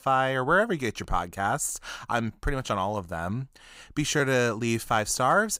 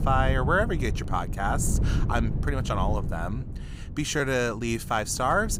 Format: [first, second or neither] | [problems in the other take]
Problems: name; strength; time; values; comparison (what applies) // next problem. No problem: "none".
first | wind noise on the microphone; occasional gusts; 15 dB below the speech